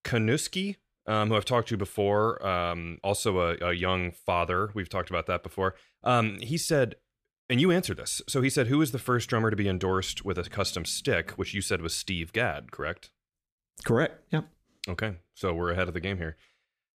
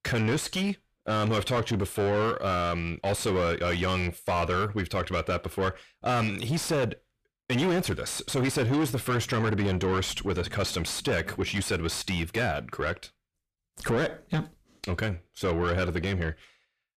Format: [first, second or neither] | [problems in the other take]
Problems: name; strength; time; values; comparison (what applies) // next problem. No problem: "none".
first | distortion; heavy; 6 dB below the speech